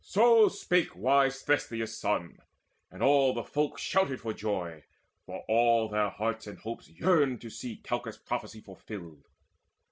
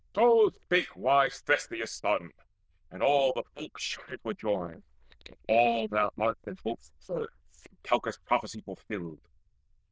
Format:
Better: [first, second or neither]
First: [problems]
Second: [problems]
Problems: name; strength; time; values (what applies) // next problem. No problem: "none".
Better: first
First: none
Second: noise reduction (neural diffusion model UNIVERSE++)